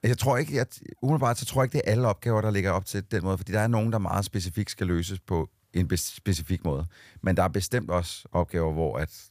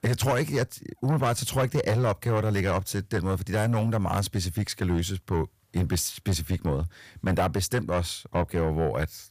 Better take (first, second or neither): first